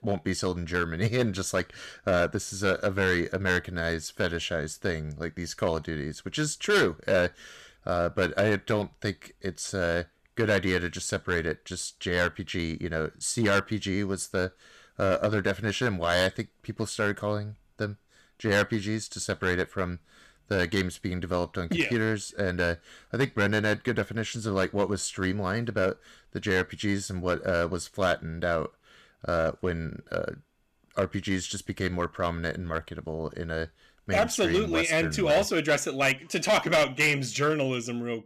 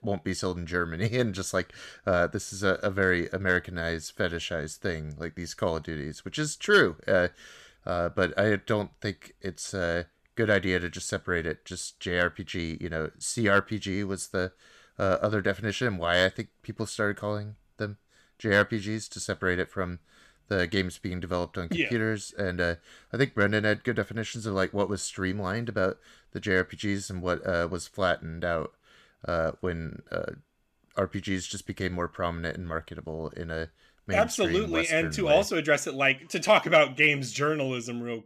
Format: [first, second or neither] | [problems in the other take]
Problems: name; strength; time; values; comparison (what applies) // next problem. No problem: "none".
second | distortion; slight; 3% of the sound clipped